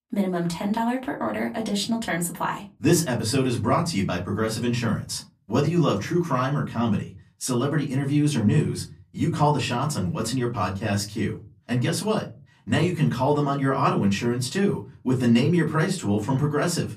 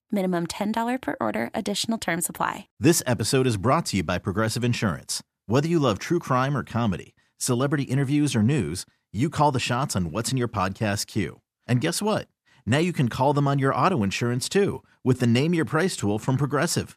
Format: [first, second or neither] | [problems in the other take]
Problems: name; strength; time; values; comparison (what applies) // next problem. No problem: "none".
second | off-mic speech; far // room echo; very slight; dies away in 0.3 s